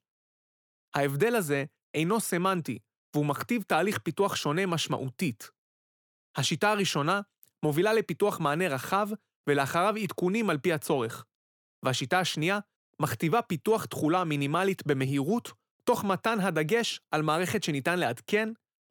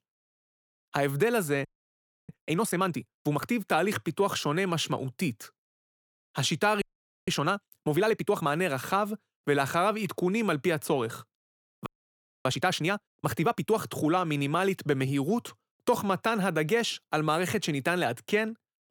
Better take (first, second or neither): first